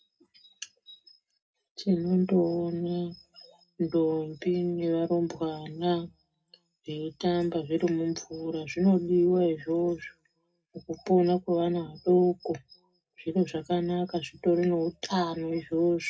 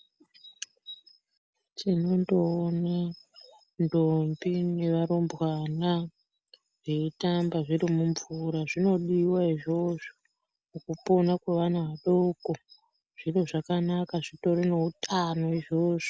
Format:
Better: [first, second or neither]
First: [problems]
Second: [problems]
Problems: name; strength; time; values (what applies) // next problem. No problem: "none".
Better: second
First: room echo; dies away in 0.2 s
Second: none